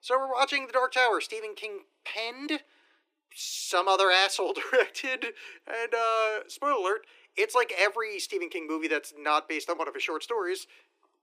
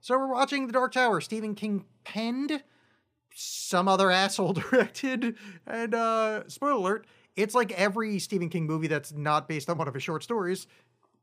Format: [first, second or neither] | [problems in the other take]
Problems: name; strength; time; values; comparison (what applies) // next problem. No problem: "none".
second | thin; very; fading below 300 Hz